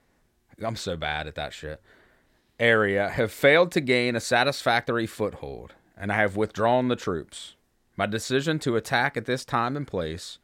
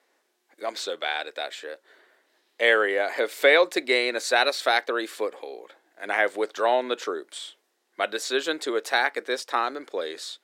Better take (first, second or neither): first